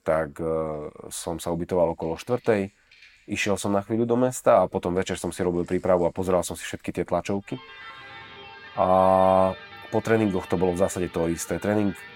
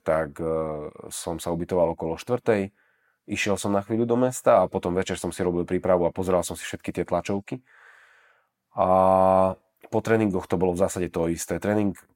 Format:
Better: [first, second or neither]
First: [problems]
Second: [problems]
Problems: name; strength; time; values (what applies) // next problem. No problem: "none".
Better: second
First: background music; noticeable; throughout; 20 dB below the speech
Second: none